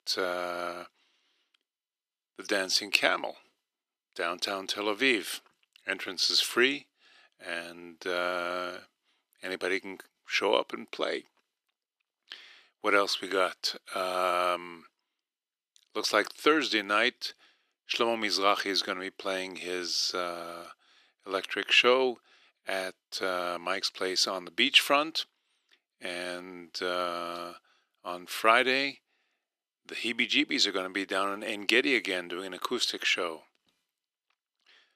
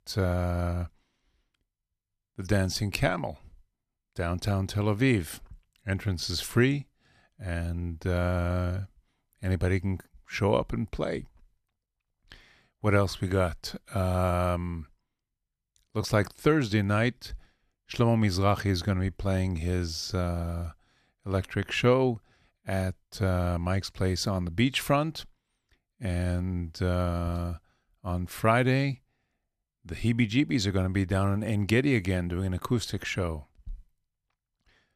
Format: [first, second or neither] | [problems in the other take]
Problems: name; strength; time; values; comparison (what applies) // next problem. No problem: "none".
second | thin; very; fading below 350 Hz